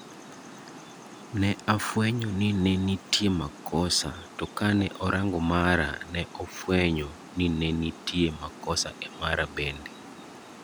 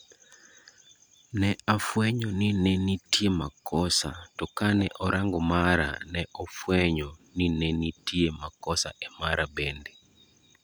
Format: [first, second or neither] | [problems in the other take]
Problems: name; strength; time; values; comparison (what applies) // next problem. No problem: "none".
second | background sound (Water); 17 dB below the speech